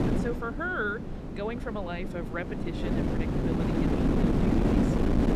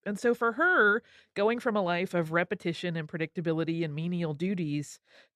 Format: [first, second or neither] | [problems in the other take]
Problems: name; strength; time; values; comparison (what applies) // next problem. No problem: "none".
second | wind noise on the microphone; heavy; 1 dB above the speech